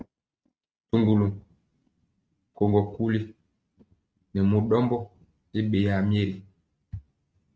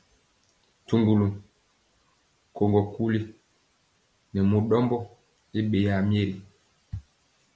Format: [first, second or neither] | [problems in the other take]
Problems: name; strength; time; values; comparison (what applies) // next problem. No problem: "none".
second | noise reduction (neural mask model RNNoise)